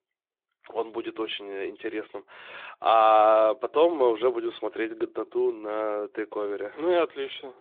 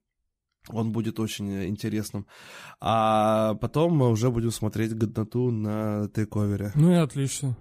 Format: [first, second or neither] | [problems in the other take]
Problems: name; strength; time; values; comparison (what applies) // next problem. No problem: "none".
second | phone-call audio